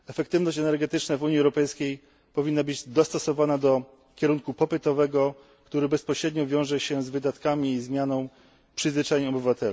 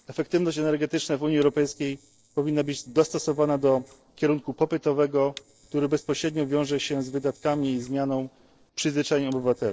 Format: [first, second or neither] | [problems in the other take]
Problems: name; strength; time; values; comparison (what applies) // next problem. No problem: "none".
first | noise reduction (neural separator model SepFormer DNS4)